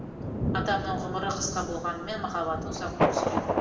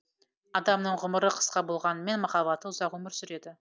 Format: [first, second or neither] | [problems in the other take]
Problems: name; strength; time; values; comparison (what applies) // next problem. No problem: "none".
second | background sound (Thunder); 3 dB above the speech // room echo; dies away in 1.3 s